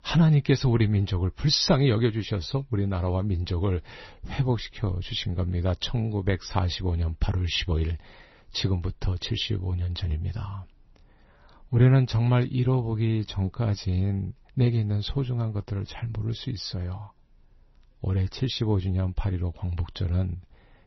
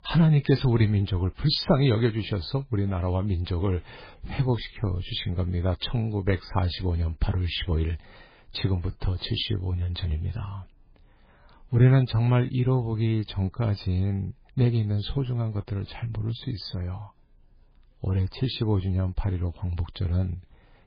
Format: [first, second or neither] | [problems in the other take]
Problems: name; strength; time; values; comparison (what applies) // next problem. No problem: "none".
first | garbled, watery; badly; nothing above 4.5 kHz; slightly in the first